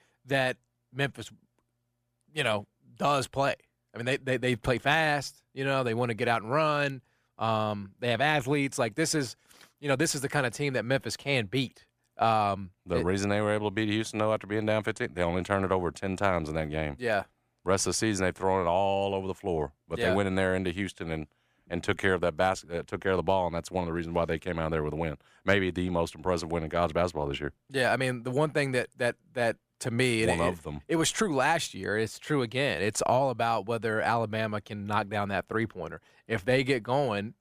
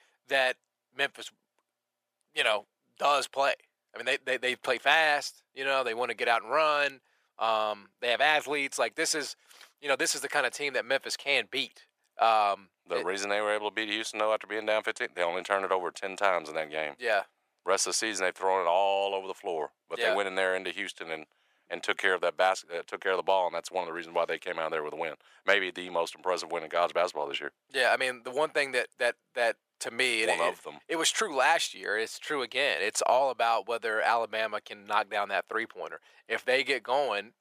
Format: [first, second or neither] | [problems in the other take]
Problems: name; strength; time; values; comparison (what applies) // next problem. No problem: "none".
first | thin; very; fading below 600 Hz